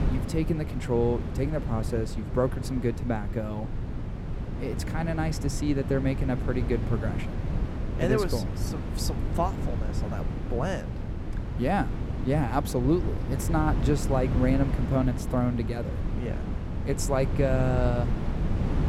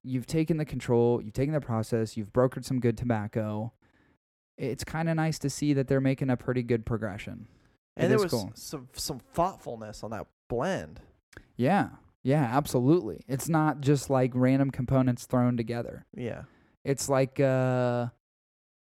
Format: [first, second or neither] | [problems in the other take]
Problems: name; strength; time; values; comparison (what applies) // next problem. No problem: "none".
second | wind noise on the microphone; heavy; 9 dB below the speech